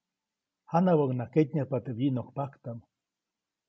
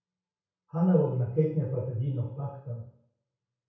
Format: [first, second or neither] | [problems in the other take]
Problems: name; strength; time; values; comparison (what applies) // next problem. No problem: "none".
first | room echo; dies away in 0.6 s